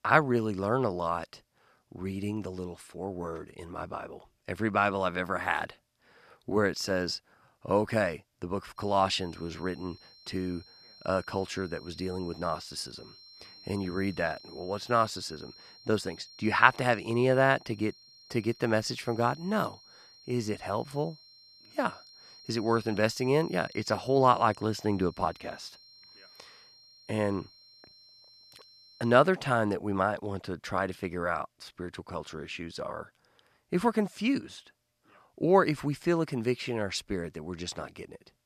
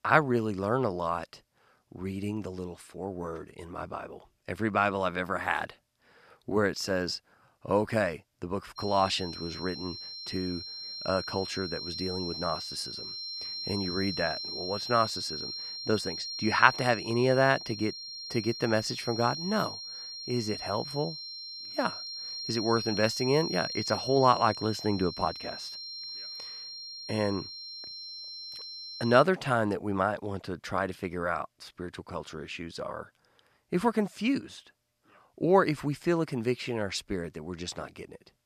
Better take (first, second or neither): first